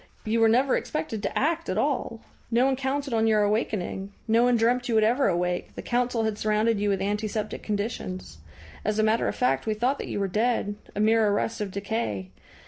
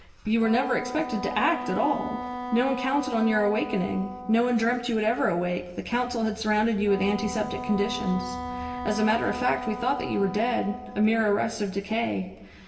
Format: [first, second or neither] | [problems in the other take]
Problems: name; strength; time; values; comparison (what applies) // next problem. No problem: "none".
first | background sound (Wind instrument, woodwind instrument); 10 dB below the speech // room echo; dies away in 1 s